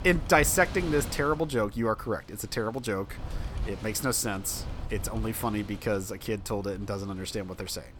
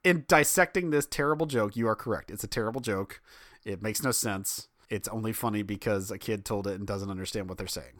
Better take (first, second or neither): second